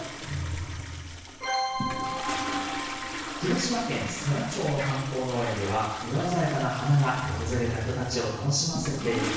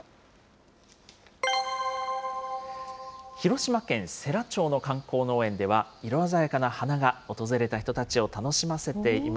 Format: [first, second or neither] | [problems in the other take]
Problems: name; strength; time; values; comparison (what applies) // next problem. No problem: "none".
second | background sound (Toilet flush); 6 dB below the speech // room echo; dies away in 1.1 s